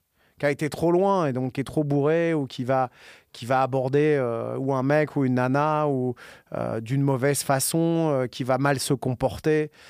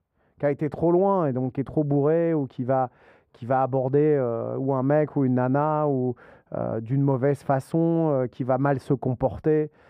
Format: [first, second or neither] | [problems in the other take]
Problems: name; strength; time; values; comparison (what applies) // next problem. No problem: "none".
first | muffled; very; fading above 2.5 kHz